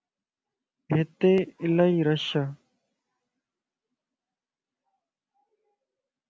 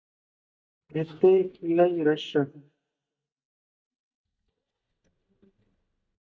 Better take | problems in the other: first | noise reduction (neural mask model DeepFilterNet 3)

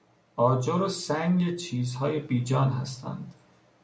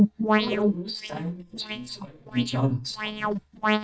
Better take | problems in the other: first | noise reduction (neural mask model DeepFilterNet 3)

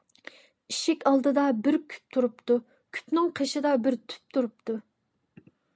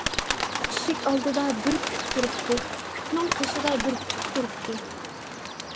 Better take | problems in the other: first | background sound (Bird); 1 dB below the speech

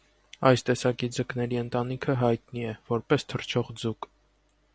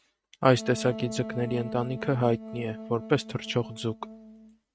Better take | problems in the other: first | noise reduction (neural mask model RNNoise)

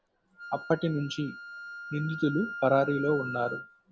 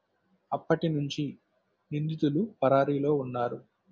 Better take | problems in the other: second | background sound (Wind instrument, woodwind instrument); 10 dB below the speech

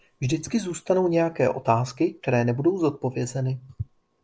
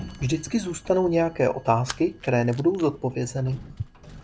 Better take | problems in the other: first | background sound (Splash, splatter + Sliding door); 17 dB below the speech

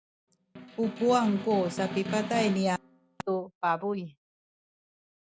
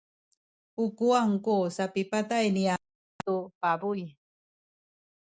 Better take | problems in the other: second | background sound (Snare drum); 9 dB below the speech

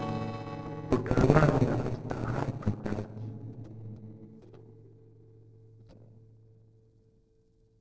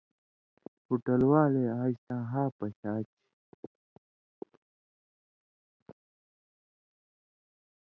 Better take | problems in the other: second | noise reduction (neural separator model SepFormer DNS4)

